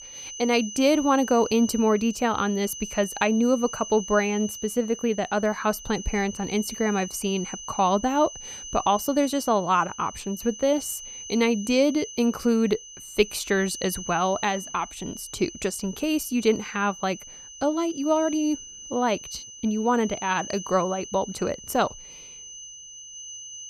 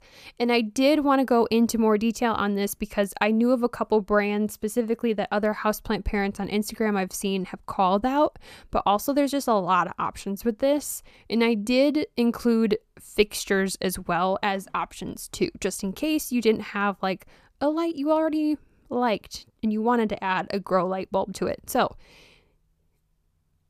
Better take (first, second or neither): second